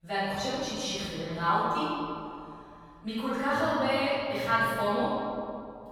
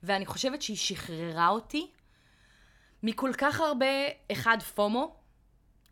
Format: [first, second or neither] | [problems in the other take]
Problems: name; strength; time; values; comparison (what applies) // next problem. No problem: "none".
second | off-mic speech; far // room echo; strong; dies away in 2.5 s